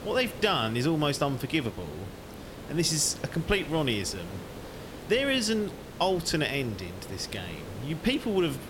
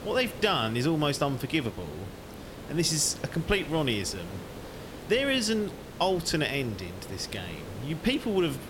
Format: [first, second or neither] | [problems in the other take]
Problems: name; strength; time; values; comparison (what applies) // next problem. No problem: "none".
neither | hiss; noticeable; throughout; 15 dB below the speech; the same in both